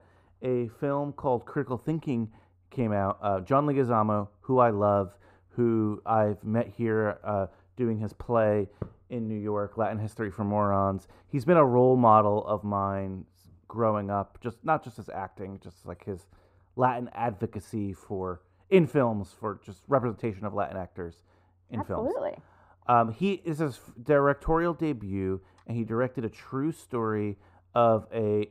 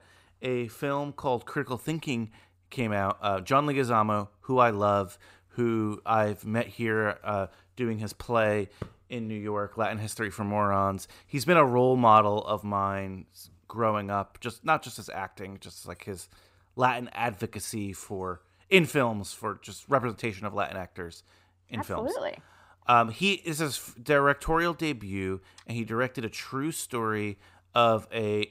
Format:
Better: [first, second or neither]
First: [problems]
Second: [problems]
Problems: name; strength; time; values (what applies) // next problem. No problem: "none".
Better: second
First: muffled; very; fading above 1.5 kHz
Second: none